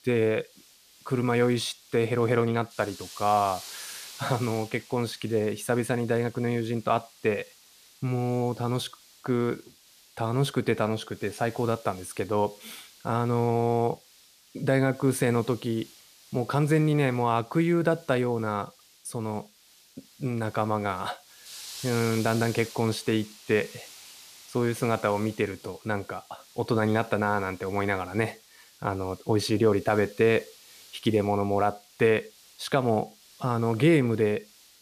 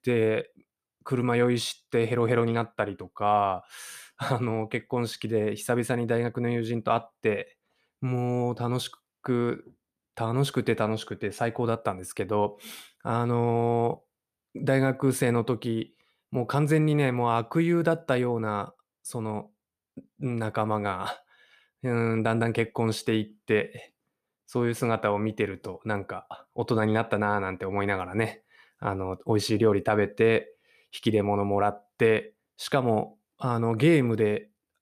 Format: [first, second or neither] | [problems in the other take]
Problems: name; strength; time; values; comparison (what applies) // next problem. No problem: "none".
second | hiss; noticeable; throughout; 20 dB below the speech